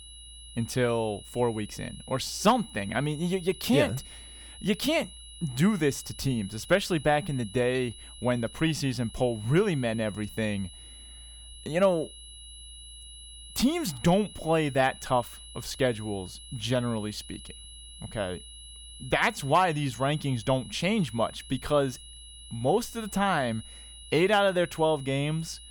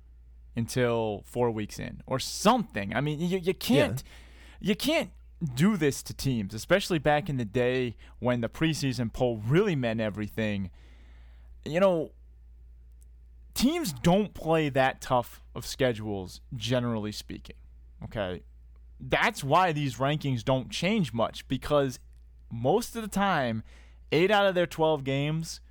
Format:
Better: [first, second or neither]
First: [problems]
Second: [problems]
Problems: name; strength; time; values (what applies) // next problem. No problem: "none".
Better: second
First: high-pitched whine; noticeable; throughout; 4 kHz, 15 dB below the speech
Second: none